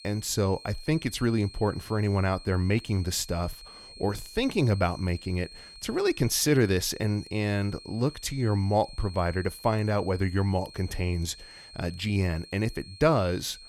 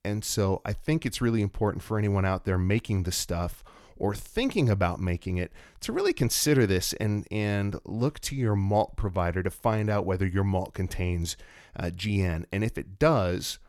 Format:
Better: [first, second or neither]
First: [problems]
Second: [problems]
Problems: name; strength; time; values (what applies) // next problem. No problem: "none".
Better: second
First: high-pitched whine; noticeable; throughout; 4 kHz, 20 dB below the speech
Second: none